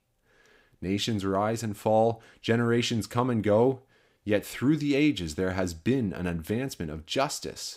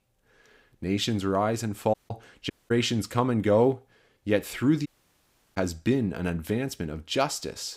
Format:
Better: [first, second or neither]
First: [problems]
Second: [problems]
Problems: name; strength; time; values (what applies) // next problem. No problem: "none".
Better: first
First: none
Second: audio cutting out; at 2 s, at 2.5 s and at 5 s for 0.5 s